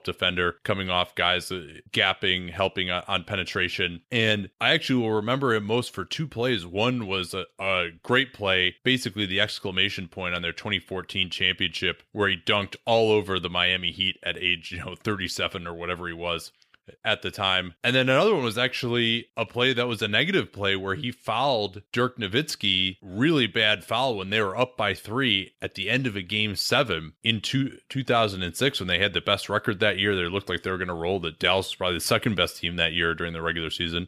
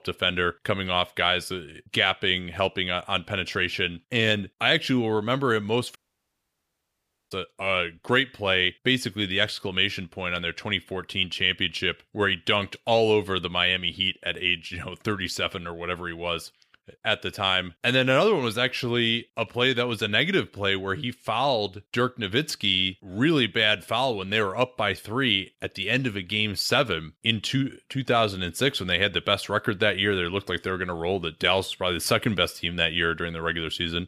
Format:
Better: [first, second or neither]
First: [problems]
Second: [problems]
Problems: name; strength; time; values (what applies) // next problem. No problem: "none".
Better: first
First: none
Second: audio cutting out; at 6 s for 1.5 s